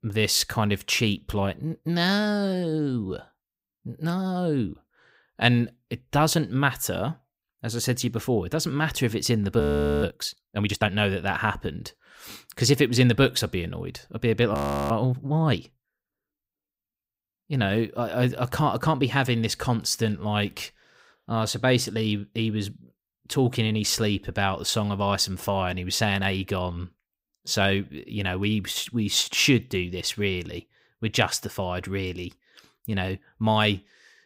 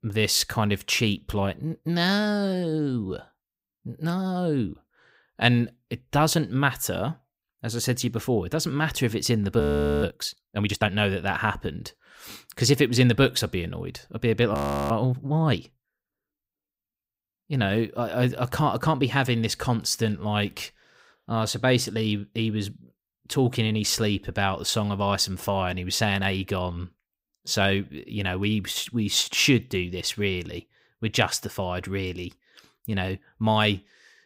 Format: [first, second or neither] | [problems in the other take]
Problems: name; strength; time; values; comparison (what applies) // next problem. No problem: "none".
neither | audio freezing; at 9.5 s and at 15 s; the same in both